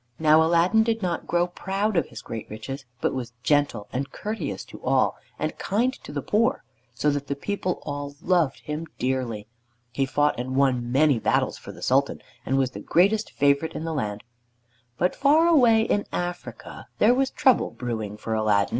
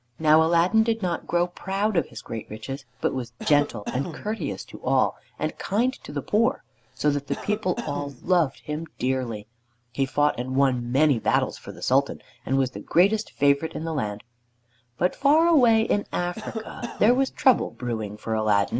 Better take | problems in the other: first | background sound (Cough); 12 dB below the speech

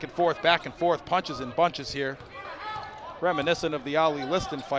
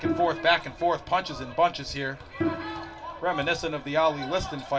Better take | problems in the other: first | background sound (Bowed string instrument); 9 dB below the speech // room echo; dies away in 0.2 s

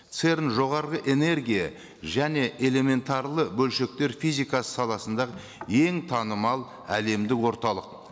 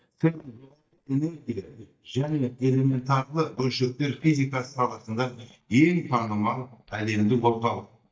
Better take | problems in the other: first | noise reduction (neural mask model DeepFilterNet 3)

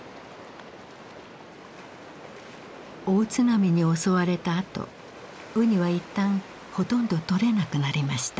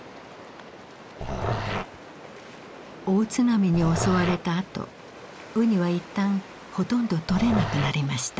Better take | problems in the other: first | background sound (Growling); 4 dB below the speech

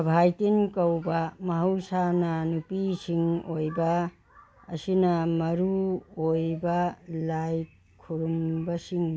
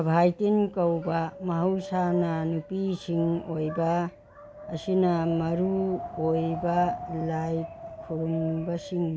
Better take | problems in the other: first | background sound (Wind); 11 dB below the speech

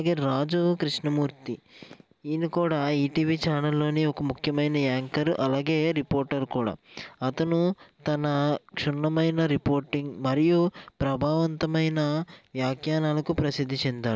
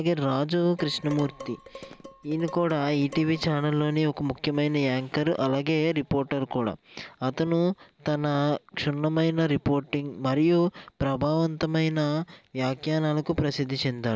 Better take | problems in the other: first | background sound (Dishes, pots, and pans); 19 dB below the speech

